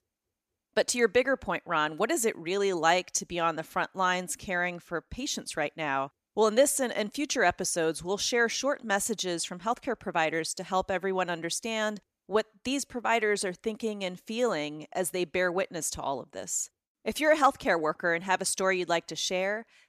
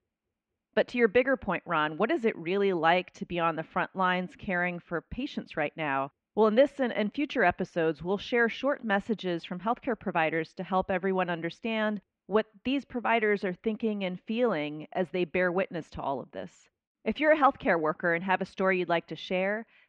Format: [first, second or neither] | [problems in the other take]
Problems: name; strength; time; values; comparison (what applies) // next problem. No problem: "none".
first | muffled; very; fading above 3 kHz